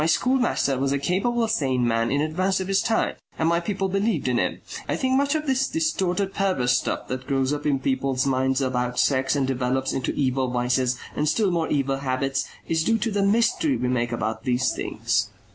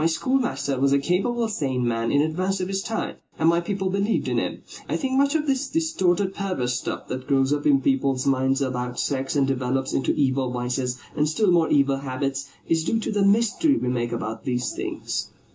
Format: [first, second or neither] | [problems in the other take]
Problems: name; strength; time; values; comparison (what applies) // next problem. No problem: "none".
first | room echo; dies away in 0.2 s